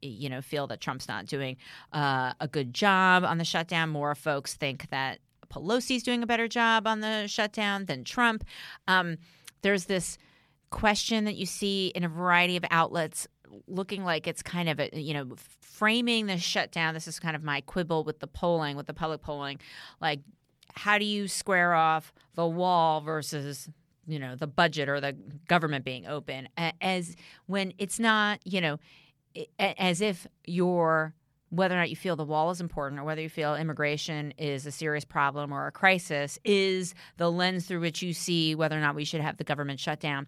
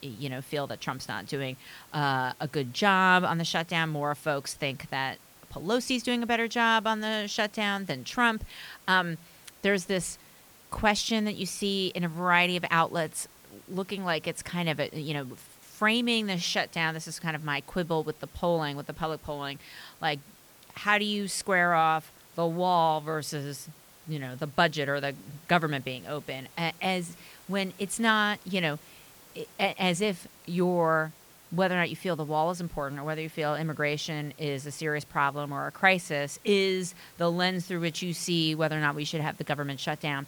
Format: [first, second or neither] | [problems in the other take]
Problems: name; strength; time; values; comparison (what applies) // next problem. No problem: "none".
first | hiss; faint; throughout; 25 dB below the speech